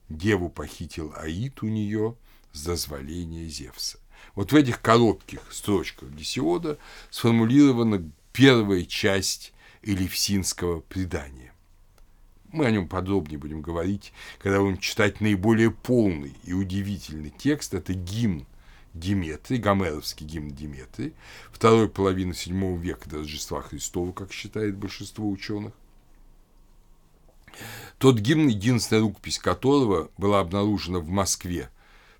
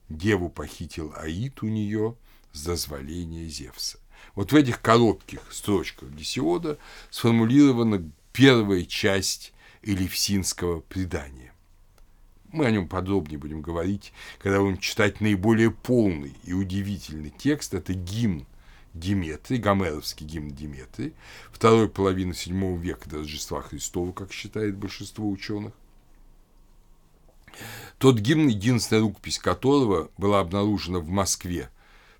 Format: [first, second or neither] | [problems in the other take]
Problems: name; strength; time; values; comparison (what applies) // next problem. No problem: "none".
neither | none